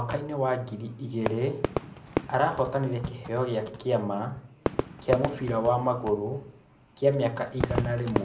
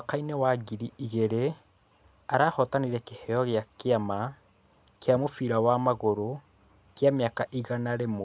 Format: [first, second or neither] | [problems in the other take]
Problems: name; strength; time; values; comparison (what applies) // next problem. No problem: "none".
second | background sound (Fireworks); 6 dB below the speech // room echo; dies away in 0.4 s